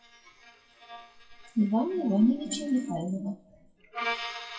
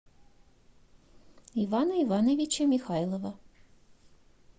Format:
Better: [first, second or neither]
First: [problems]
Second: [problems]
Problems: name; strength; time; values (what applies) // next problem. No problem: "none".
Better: second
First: noise reduction (classical method WPE with log-MMSE)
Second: none